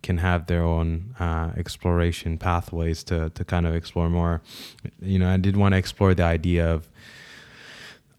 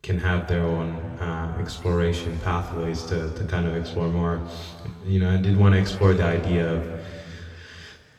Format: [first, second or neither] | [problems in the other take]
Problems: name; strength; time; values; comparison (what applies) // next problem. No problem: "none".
first | room echo; slight; dies away in 2.2 s // off-mic speech; somewhat distant